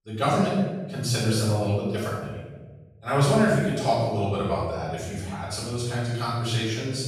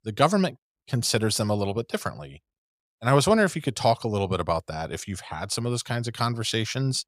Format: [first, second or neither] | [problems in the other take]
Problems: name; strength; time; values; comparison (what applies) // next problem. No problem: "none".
second | room echo; strong; dies away in 1.3 s // off-mic speech; far